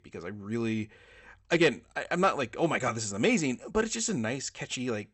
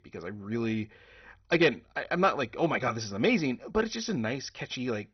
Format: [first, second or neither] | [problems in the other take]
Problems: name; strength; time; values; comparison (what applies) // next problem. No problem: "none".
first | garbled, watery; badly; nothing above 6 kHz; slightly in the first